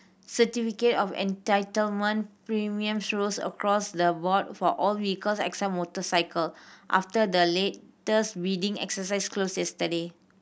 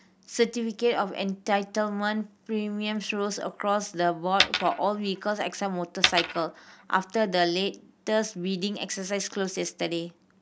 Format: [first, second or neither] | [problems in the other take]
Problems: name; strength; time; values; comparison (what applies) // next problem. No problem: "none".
first | background sound (Coin (dropping)); 2 dB below the speech